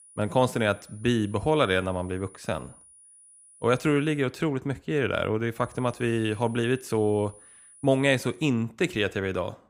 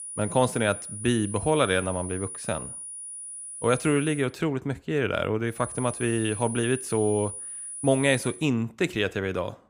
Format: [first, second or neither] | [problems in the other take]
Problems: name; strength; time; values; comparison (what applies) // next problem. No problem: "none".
first | high-pitched whine; loud; until 4 s and from 5.5 to 8.5 s; 10 kHz, 9 dB below the speech; faint in the first